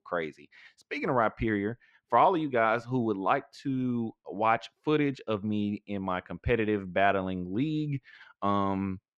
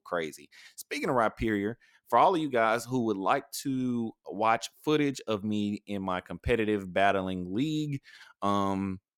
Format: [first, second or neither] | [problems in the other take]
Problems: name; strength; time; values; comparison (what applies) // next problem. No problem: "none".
second | muffled; slightly; fading above 2.5 kHz